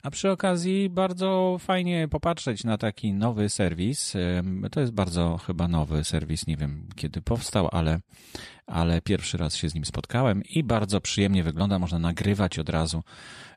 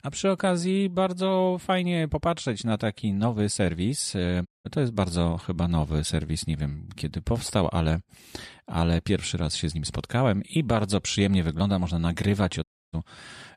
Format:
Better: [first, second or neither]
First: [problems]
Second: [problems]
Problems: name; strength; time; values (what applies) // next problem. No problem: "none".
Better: first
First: none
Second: audio cutting out; at 4.5 s and at 13 s